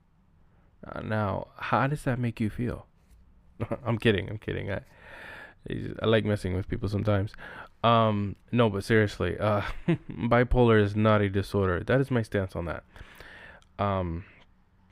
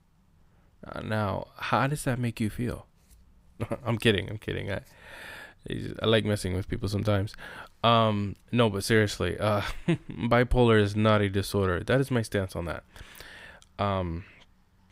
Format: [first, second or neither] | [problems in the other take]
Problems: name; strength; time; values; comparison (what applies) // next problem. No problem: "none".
second | muffled; slightly; fading above 3.5 kHz